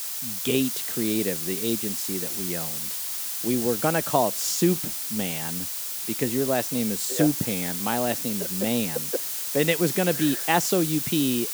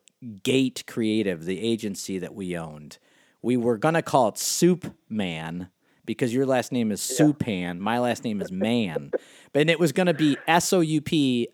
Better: second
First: hiss; loud; throughout; 1 dB below the speech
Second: none

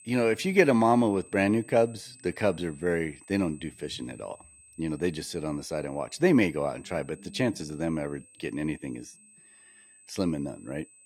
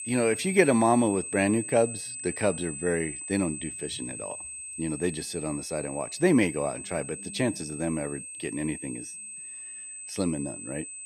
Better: first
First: high-pitched whine; faint; throughout; 8 kHz, 25 dB below the speech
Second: high-pitched whine; loud; throughout; 8 kHz, 8 dB below the speech

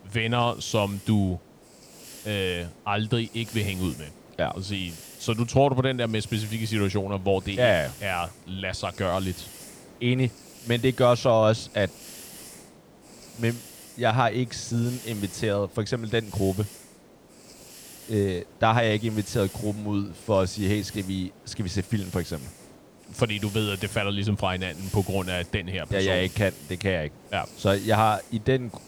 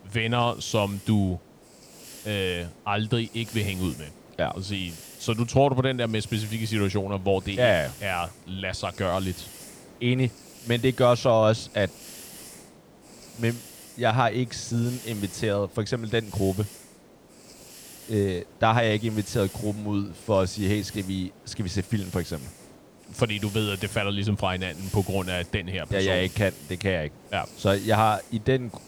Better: neither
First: hiss; noticeable; throughout; 20 dB below the speech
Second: hiss; noticeable; throughout; 20 dB below the speech

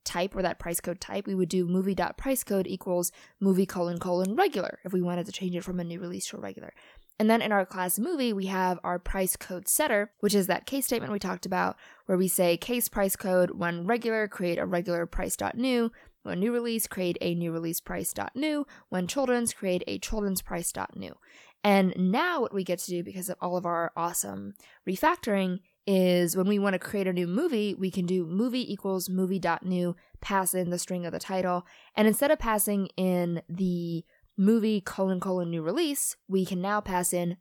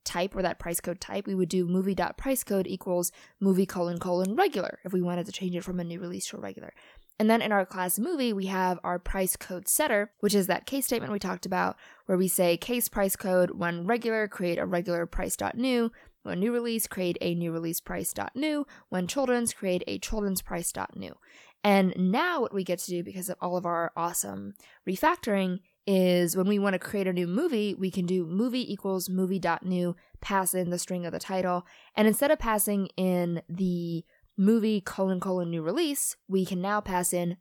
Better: neither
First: none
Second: none

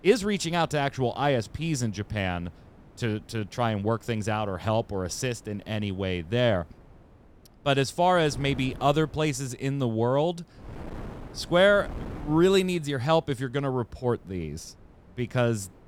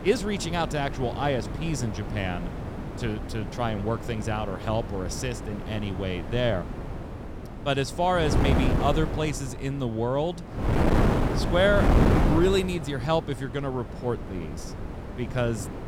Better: first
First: wind noise on the microphone; occasional gusts; 25 dB below the speech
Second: wind noise on the microphone; heavy; 5 dB below the speech

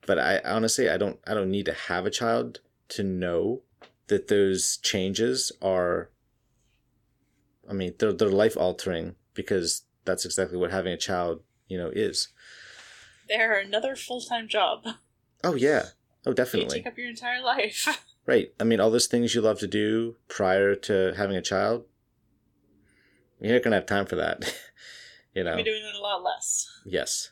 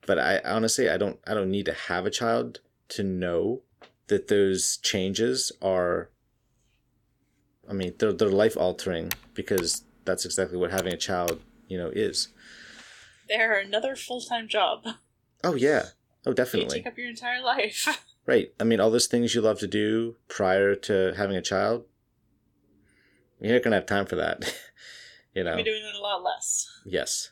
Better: first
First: none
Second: keyboard typing; noticeable; from 8 to 11 s; peak 9 dB below the speech

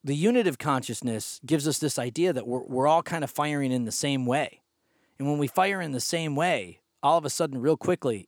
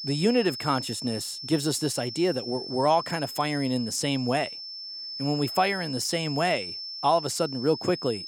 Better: first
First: none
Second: high-pitched whine; loud; throughout; 5.5 kHz, 8 dB below the speech

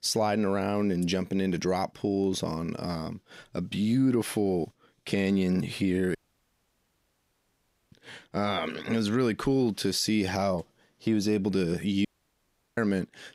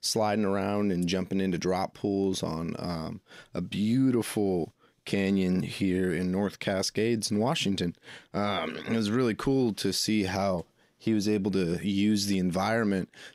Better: second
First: audio cutting out; at 6 s for 2 s and at 12 s for 0.5 s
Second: none

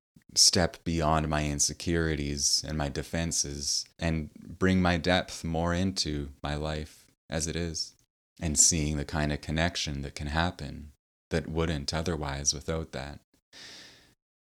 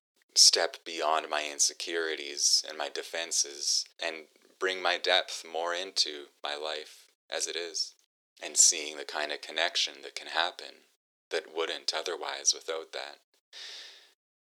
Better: first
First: none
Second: thin; very; fading below 400 Hz

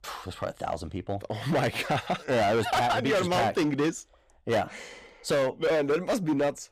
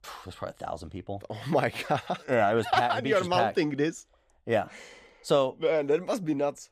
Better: second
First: distortion; heavy; 15% of the sound clipped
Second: none

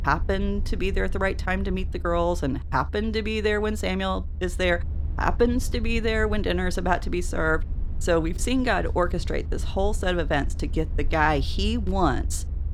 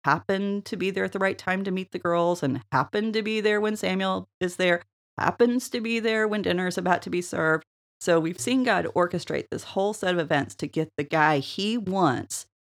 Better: second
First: low rumble; faint; throughout; 25 dB below the speech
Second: none

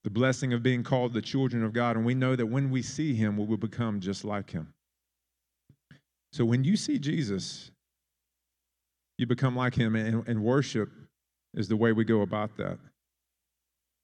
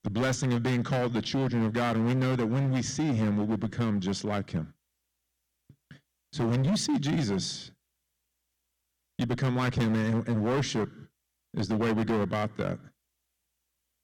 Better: first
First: none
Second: distortion; heavy; 15% of the sound clipped

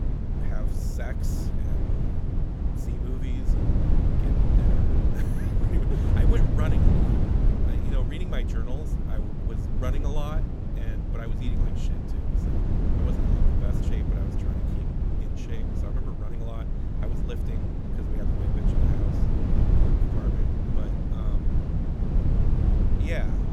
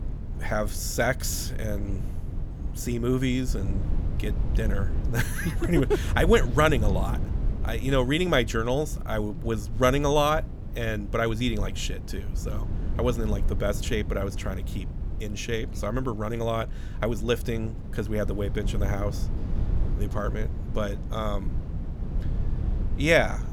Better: second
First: wind noise on the microphone; heavy; 4 dB above the speech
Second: wind noise on the microphone; occasional gusts; 15 dB below the speech

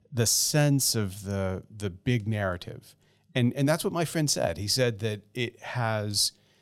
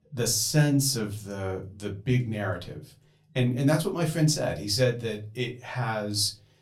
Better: first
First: none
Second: off-mic speech; far // room echo; very slight; dies away in 0.2 s

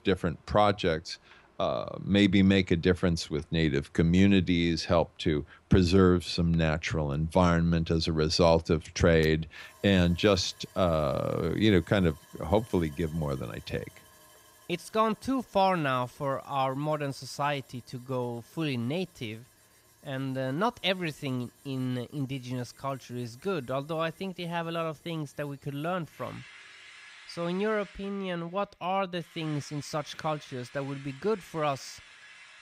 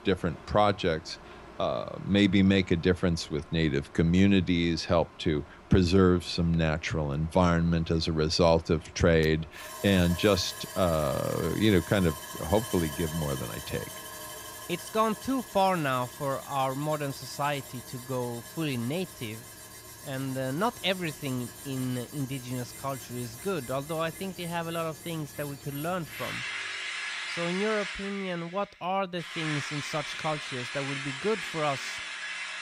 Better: first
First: machinery noise; faint; throughout; 25 dB below the speech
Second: machinery noise; loud; throughout; 10 dB below the speech

